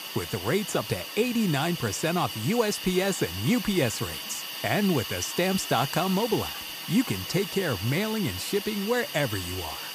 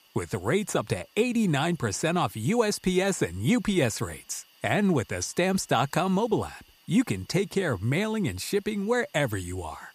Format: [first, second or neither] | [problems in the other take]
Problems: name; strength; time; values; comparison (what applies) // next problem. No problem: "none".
second | hiss; loud; throughout; 6 dB below the speech; faint in the second